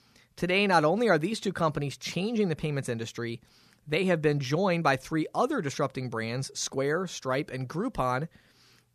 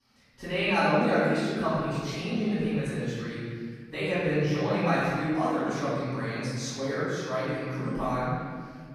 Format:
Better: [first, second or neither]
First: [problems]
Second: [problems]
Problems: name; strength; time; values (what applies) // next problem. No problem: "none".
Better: first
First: none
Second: off-mic speech; far // room echo; strong; dies away in 2 s